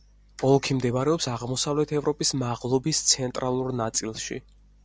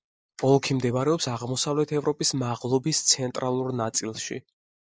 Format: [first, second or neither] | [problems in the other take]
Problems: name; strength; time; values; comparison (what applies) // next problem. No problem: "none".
first | noise reduction (neural mask model Resemble Enhance denoiser)